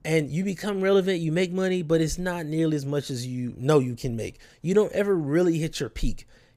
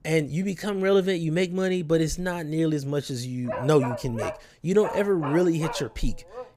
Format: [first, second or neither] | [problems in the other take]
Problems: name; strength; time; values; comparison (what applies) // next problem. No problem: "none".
first | dog barking; noticeable; from 3.5 s on; peak 7 dB below the speech